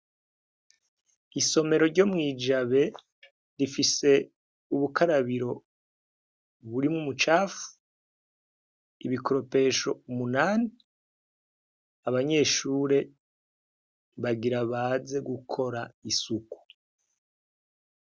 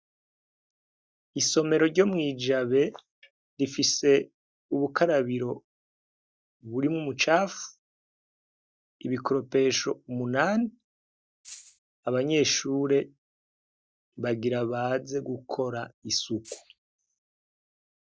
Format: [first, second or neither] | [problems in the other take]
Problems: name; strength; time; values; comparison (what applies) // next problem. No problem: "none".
first | noise reduction (neural mask model DeepFilterNet 3)